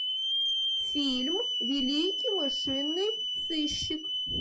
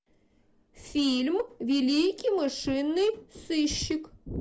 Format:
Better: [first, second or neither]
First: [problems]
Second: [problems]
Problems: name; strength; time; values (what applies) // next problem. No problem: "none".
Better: second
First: noise reduction (classical method log-MMSE)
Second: none